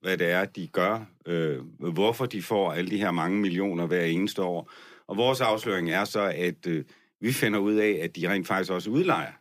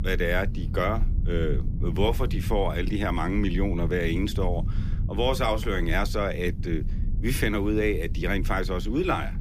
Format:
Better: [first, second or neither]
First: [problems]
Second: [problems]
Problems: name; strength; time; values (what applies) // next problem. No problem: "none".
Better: first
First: none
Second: low rumble; noticeable; throughout; 15 dB below the speech